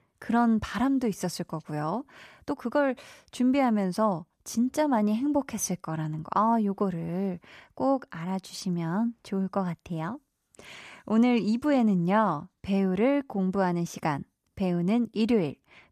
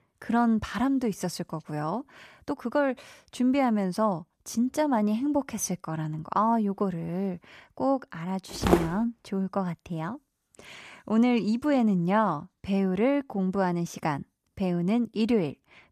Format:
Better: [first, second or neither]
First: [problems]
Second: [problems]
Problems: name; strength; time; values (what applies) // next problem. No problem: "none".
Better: first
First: none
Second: footsteps; loud; at 8.5 s; peak 2 dB above the speech